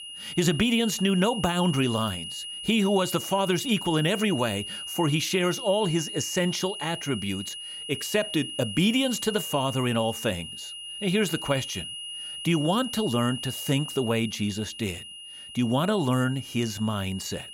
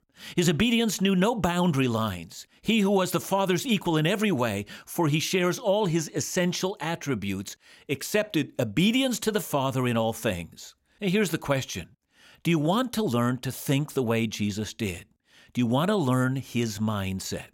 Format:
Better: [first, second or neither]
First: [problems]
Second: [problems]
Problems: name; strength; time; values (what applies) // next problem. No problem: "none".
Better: second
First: high-pitched whine; loud; throughout; 3 kHz, 8 dB below the speech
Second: none